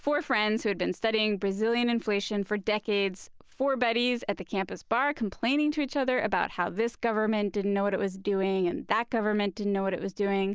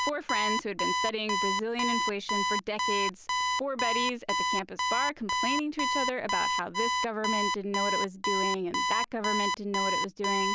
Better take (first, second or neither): first